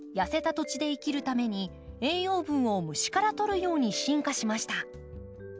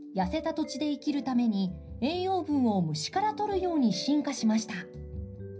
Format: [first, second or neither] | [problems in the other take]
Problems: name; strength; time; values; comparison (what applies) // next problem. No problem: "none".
first | room echo; dies away in 0.5 s